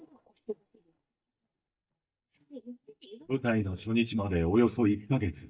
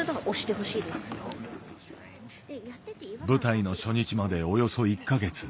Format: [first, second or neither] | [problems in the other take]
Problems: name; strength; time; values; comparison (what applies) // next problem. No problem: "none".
second | noise reduction (neural mask model DeepFilterNet 3)